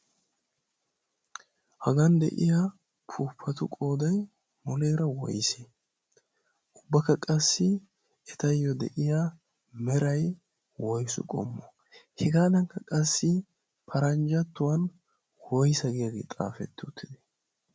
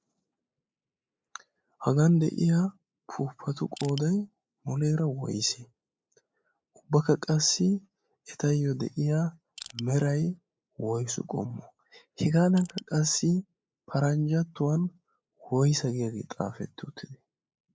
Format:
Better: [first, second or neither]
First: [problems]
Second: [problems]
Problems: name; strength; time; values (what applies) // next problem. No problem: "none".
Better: first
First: none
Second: noise reduction (neural mask model Resemble Enhance denoiser)